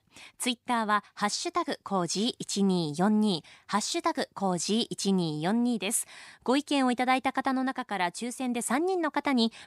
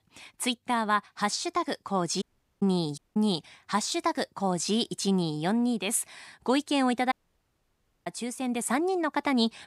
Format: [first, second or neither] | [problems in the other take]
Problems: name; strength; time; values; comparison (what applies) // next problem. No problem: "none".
first | audio cutting out; at 2 s, at 3 s and at 7 s for 1 s